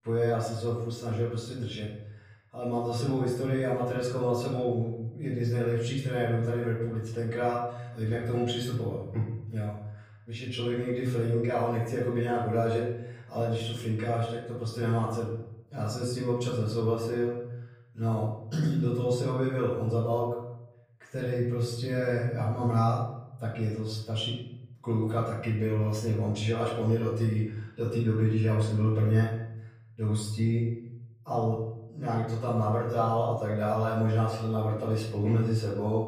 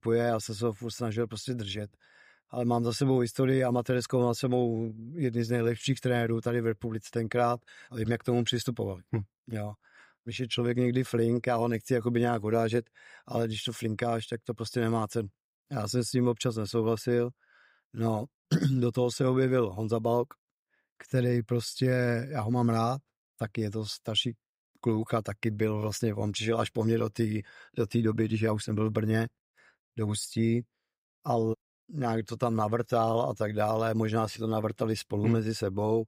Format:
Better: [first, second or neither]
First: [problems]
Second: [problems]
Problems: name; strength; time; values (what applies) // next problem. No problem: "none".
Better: second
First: room echo; noticeable; dies away in 0.8 s // off-mic speech; far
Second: none